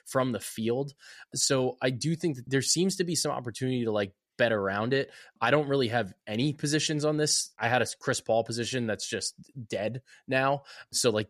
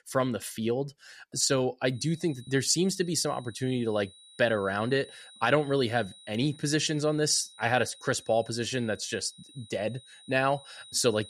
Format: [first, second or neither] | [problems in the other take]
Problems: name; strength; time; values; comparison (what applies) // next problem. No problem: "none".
first | high-pitched whine; faint; from 2 s on; 4 kHz, 20 dB below the speech